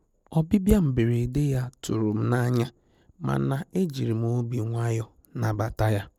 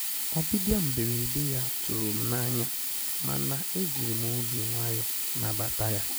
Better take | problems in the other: first | background sound (Sink (filling or washing)); 3 dB above the speech

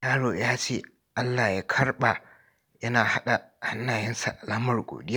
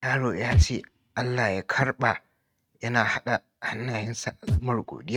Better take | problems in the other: first | noise reduction (neural mask model RNNoise)

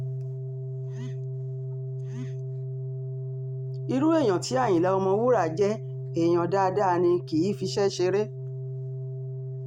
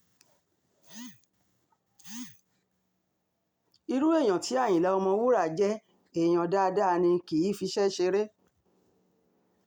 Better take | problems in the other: second | noise reduction (neural mask model RNNoise)

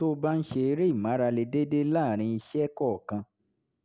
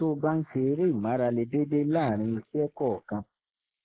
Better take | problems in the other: first | noise reduction (neural mask model Resemble Enhance denoiser)

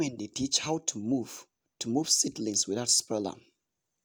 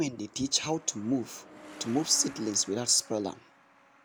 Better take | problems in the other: first | background sound (Truck); 19 dB below the speech

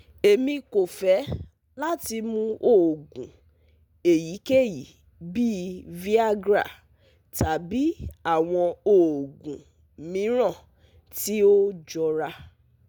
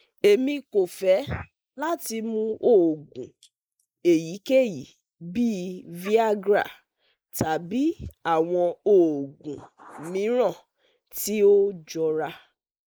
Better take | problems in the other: first | noise reduction (neural mask model Resemble Enhance denoiser)

